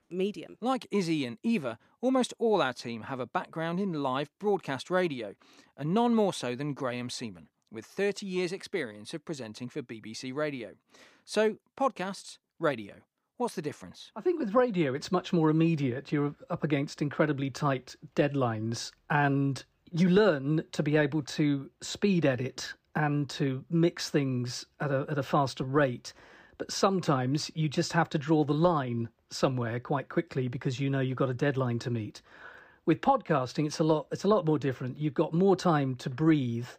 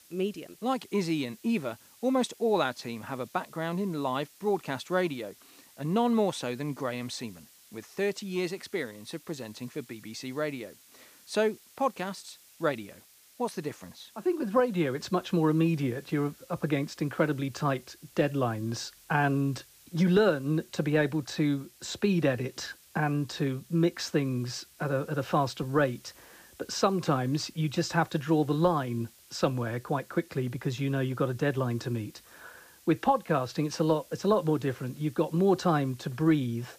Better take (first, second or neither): first